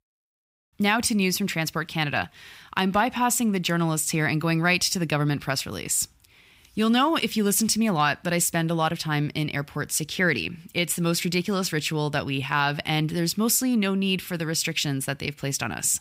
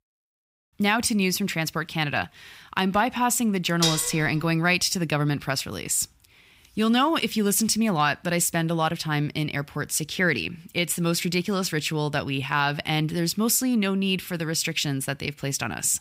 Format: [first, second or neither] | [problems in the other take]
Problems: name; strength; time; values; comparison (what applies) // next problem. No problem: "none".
first | clattering dishes; loud; at 4 s; peak level with the speech